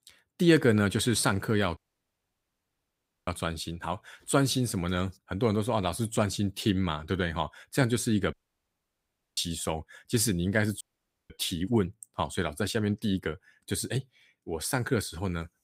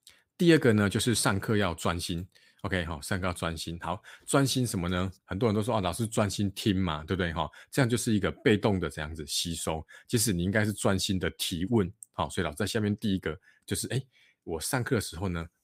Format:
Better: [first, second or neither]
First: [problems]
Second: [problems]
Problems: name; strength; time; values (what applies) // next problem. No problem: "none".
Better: second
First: audio cutting out; at 2 s for 1.5 s, at 8.5 s for 1 s and at 11 s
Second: none